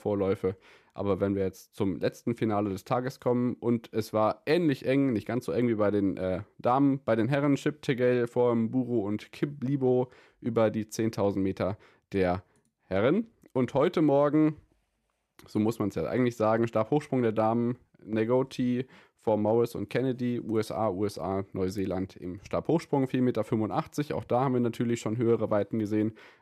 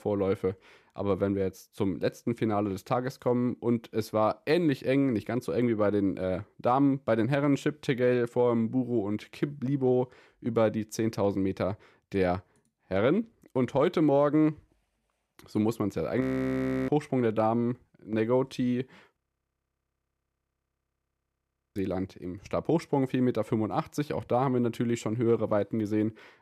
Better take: first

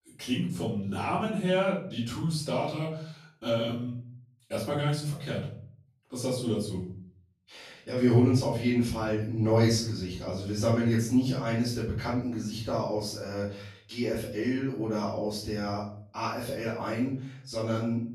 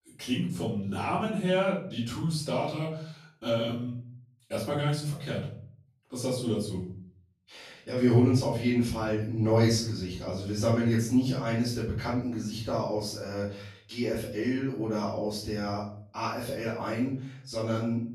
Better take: neither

